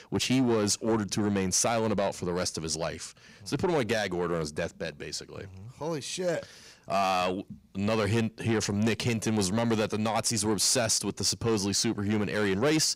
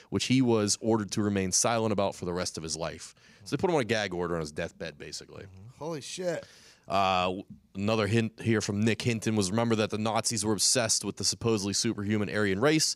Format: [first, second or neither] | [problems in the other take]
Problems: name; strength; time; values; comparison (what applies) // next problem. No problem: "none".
second | distortion; slight; 10 dB below the speech